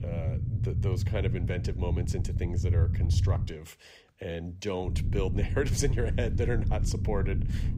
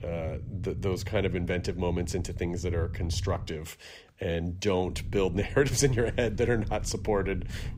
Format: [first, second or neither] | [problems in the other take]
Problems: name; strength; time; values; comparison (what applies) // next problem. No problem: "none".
second | low rumble; loud; until 3.5 s and from 5 s on; 8 dB below the speech; faint in the second